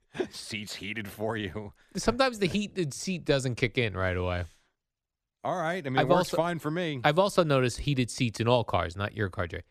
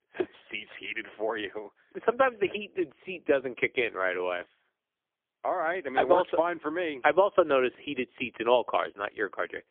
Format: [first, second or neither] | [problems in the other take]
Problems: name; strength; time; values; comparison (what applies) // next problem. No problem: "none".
first | phone-call audio; poor line; nothing above 3.5 kHz